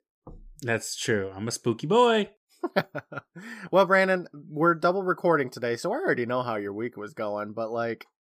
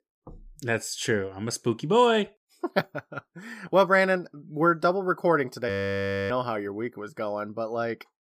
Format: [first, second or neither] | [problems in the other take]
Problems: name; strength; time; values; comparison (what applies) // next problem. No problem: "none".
first | audio freezing; at 5.5 s for 0.5 s